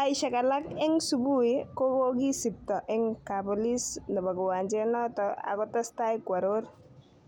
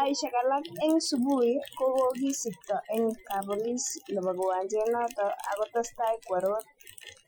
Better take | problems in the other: first | noise reduction (classical method Wiener filter)

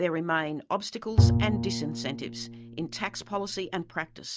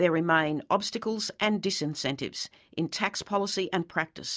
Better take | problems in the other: second | background sound (Bowed string instrument); 4 dB above the speech

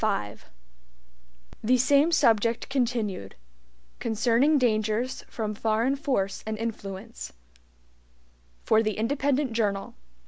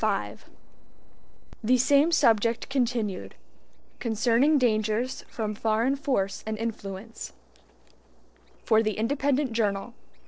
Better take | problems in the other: first | noise reduction (neural separator model SepFormer DNS4)

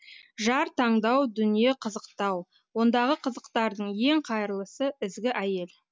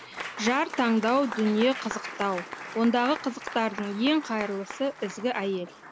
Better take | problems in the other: first | background sound (Applause / Crowd); 12 dB below the speech

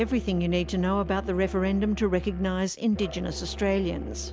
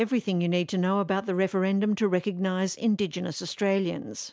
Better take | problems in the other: second | background sound (Musical instrument); 10 dB below the speech

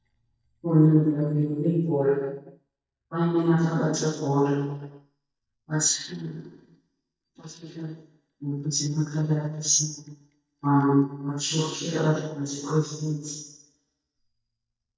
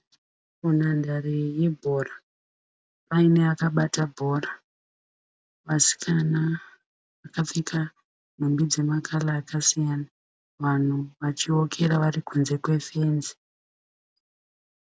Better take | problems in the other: second | noise reduction (neural mask model DeepFilterNet 3)

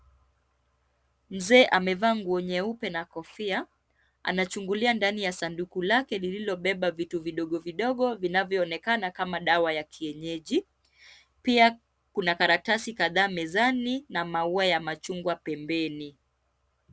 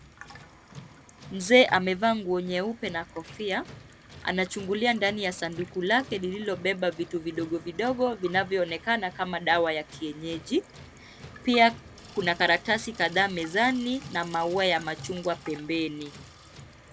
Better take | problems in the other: first | background sound (Tools + Sink (filling or washing) / Water tap, faucet); 18 dB below the speech

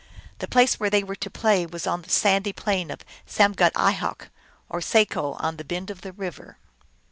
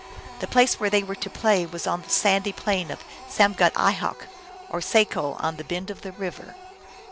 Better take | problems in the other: first | background sound (Printer); 18 dB below the speech

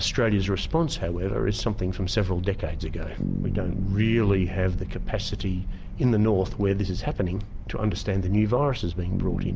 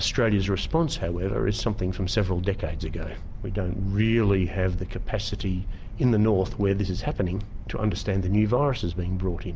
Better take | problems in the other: second | background sound (Bass guitar); 12 dB below the speech

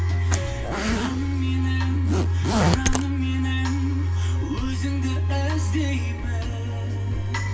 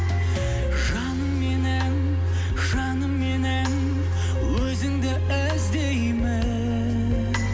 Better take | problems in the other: second | background sound (Zipper (clothing)); 4 dB below the speech // room echo; dies away in 0.2 s

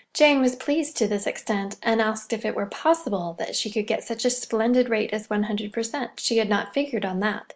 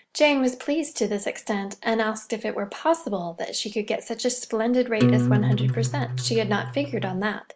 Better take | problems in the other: first | background sound (Acoustic guitar); 2 dB above the speech

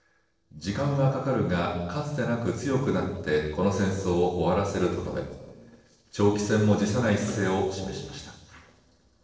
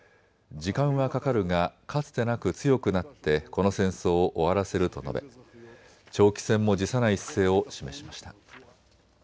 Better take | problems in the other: second | noise reduction (neural separator model SepFormer DNS4)

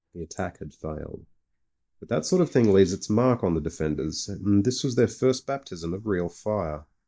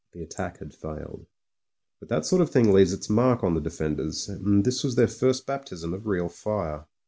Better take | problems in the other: second | noise reduction (neural mask model DeepFilterNet 3)

